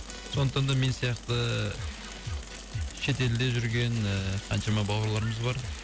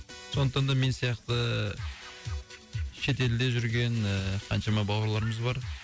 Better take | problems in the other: second | background sound (Mechanisms / Bicycle); 13 dB below the speech

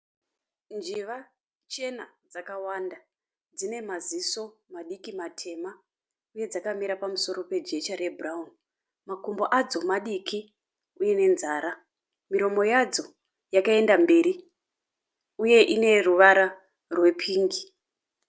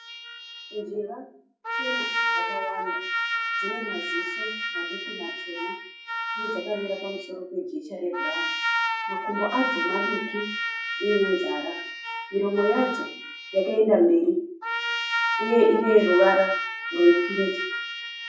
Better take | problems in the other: first | noise reduction (classical method WPE with log-MMSE)

